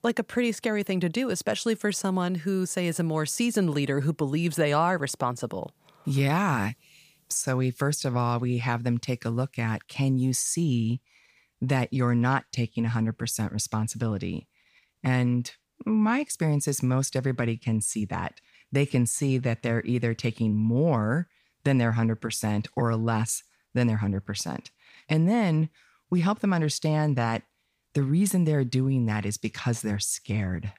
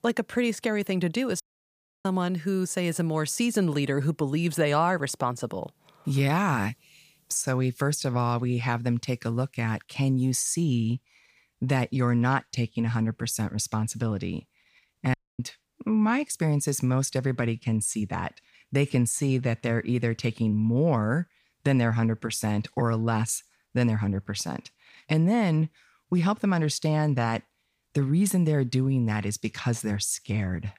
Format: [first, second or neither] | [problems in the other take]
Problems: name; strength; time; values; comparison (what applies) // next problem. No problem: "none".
first | audio cutting out; at 1.5 s for 0.5 s and at 15 s